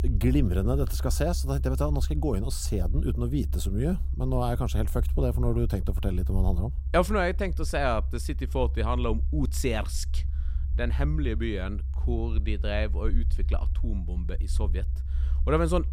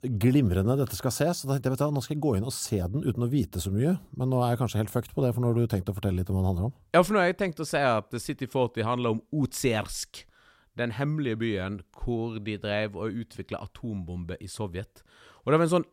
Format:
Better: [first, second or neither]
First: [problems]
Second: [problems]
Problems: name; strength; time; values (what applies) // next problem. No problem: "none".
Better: second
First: low rumble; noticeable; throughout; 20 dB below the speech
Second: none